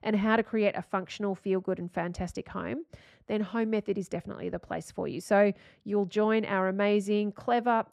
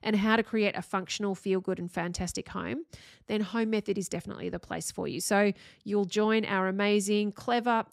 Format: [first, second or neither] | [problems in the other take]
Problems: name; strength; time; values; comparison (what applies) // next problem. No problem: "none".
second | muffled; slightly; fading above 3.5 kHz